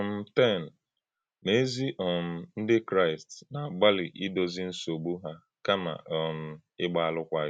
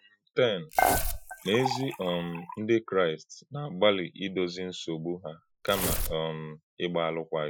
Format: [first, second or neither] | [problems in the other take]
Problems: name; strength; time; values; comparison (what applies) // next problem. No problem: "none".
first | noise reduction (classical method Wiener filter)